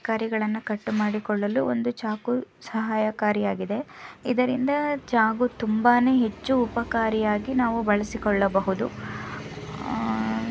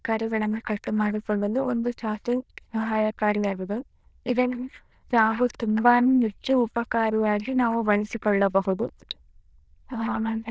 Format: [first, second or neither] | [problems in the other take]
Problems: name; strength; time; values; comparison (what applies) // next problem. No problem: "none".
first | noise reduction (neural diffusion model UNIVERSE++)